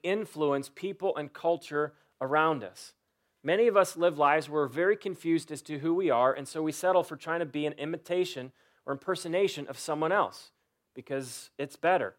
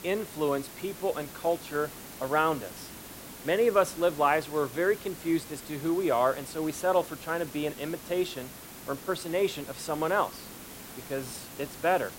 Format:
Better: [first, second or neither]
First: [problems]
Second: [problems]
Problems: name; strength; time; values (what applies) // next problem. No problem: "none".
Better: first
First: none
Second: hiss; noticeable; throughout; 15 dB below the speech